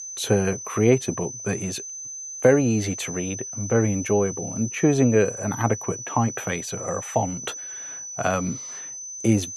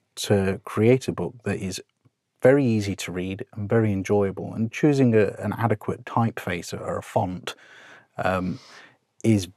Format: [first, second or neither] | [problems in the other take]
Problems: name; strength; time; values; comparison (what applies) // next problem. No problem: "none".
second | high-pitched whine; loud; throughout; 6 kHz, 9 dB below the speech